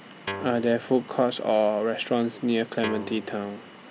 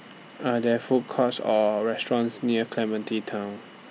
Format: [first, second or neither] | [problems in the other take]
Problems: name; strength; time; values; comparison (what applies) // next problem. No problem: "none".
second | background sound (Guitar); 12 dB below the speech